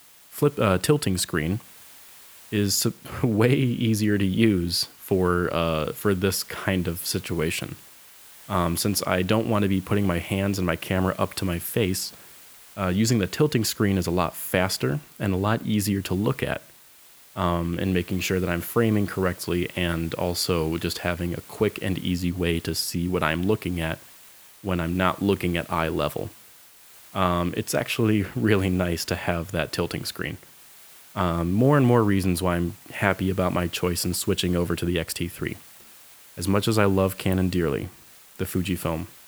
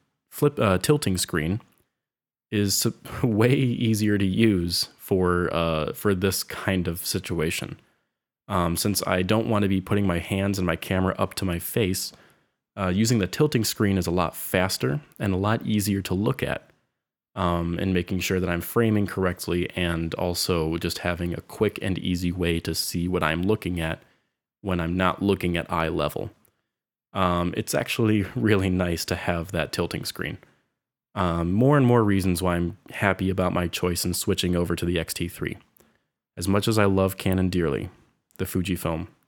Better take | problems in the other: second | hiss; faint; throughout; 20 dB below the speech

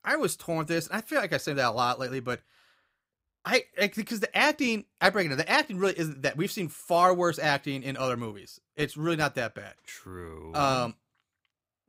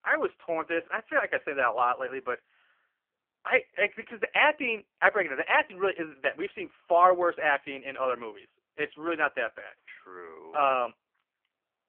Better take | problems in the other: first | phone-call audio; poor line; nothing above 3 kHz

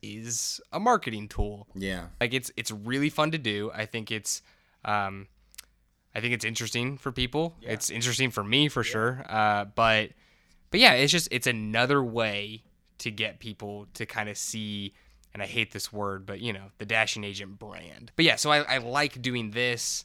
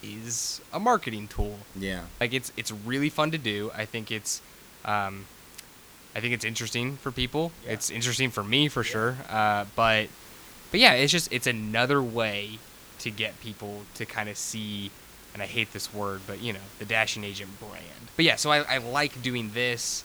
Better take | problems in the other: first | hiss; faint; throughout; 20 dB below the speech

